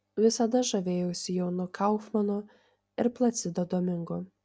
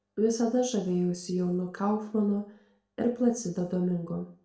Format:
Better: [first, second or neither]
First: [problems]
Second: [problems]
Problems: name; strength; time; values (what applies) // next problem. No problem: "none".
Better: first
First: none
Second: room echo; dies away in 0.5 s